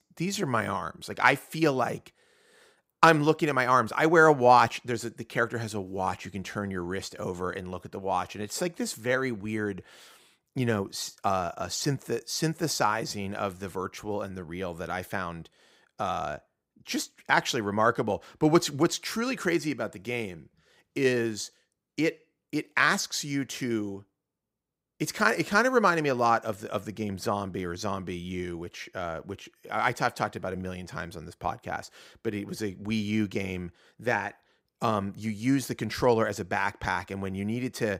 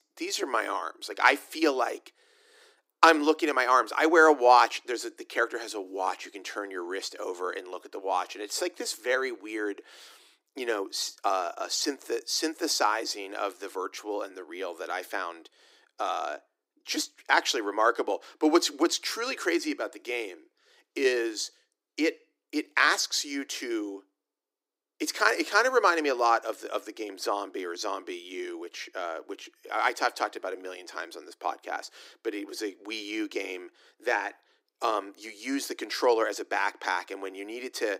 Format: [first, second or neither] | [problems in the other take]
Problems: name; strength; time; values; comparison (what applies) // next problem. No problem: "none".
first | thin; somewhat; fading below 300 Hz